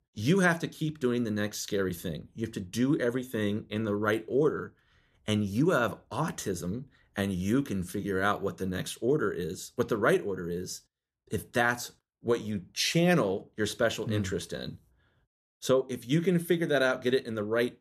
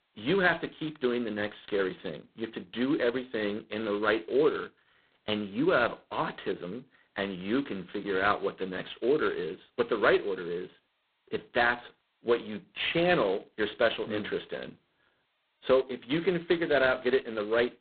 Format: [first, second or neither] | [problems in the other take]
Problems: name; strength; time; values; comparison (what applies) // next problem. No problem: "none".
first | phone-call audio; poor line; nothing above 4 kHz